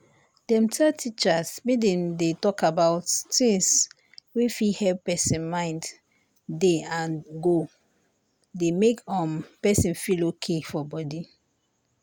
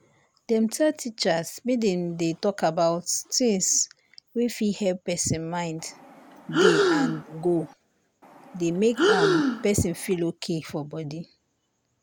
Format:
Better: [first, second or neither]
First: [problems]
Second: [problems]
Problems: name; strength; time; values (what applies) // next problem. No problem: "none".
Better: first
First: none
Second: background sound (Breathing); 1 dB above the speech